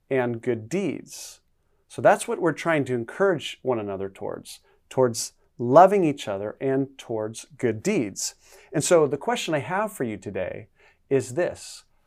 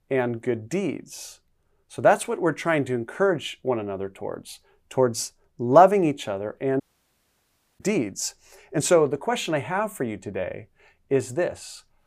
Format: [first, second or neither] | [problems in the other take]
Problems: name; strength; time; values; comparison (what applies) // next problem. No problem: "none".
first | audio cutting out; at 7 s for 1 s